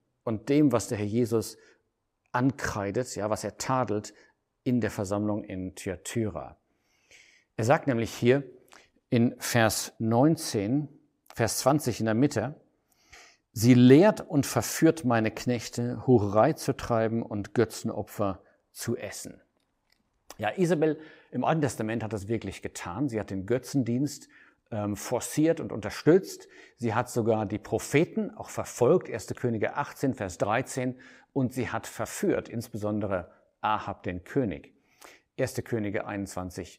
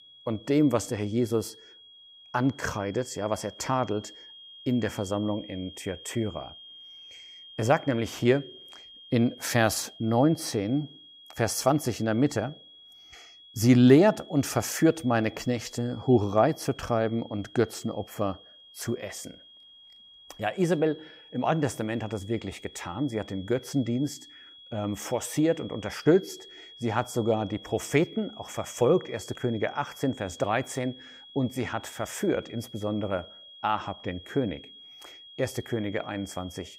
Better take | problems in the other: first | high-pitched whine; noticeable; throughout; 3.5 kHz, 20 dB below the speech

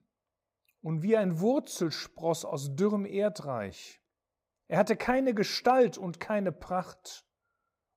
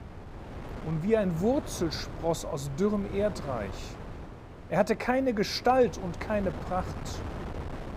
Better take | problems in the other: first | wind noise on the microphone; occasional gusts; 15 dB below the speech

